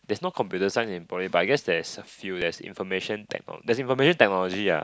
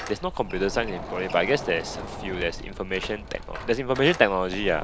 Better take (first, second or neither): first